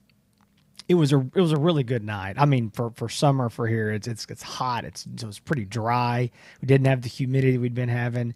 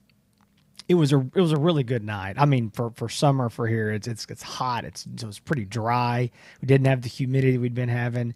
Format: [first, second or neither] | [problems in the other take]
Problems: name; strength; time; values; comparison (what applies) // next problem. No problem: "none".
neither | none